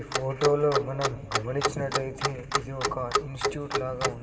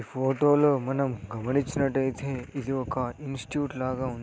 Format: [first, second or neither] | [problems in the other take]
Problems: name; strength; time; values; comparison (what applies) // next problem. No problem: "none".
second | background sound (Clock); as loud as the speech // room echo; dies away in 2.7 s